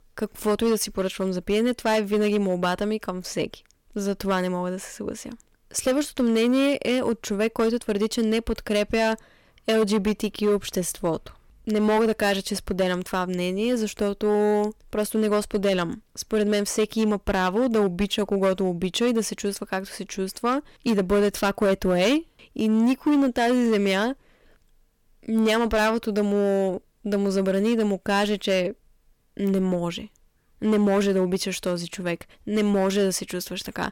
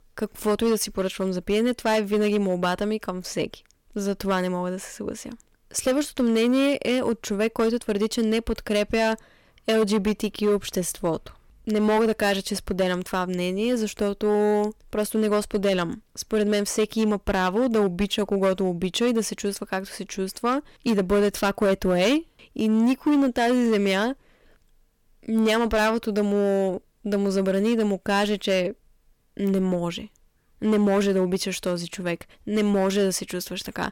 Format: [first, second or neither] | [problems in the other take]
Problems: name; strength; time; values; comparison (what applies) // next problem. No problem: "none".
neither | distortion; slight; 7% of the sound clipped; the same in both